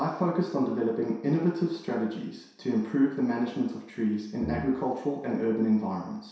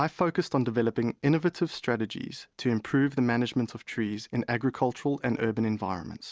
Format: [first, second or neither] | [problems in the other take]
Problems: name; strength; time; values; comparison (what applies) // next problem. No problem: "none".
second | background sound (Brass instrument); 7 dB below the speech // room echo; dies away in 0.7 s